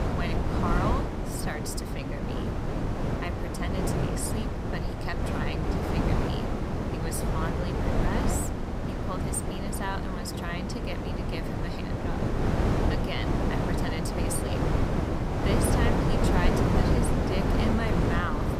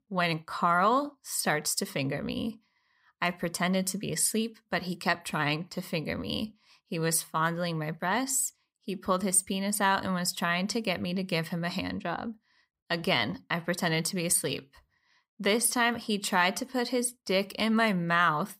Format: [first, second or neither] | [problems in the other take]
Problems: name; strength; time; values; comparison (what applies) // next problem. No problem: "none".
second | wind noise on the microphone; heavy; 4 dB above the speech